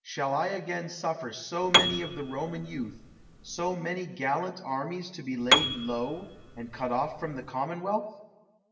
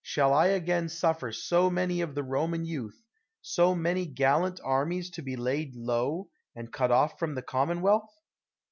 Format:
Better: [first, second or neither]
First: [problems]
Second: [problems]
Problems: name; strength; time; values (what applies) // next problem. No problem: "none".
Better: second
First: background sound (Piano); 2 dB above the speech // room echo; dies away in 0.9 s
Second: none